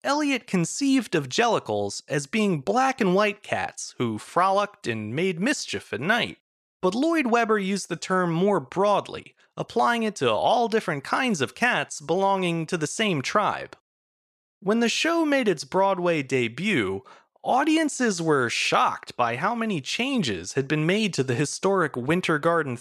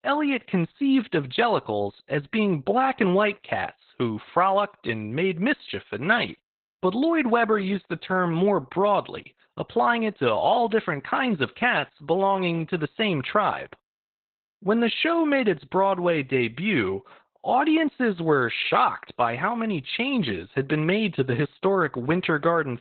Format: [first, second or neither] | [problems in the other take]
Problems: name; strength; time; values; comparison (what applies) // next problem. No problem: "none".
first | garbled, watery; badly; nothing above 4 kHz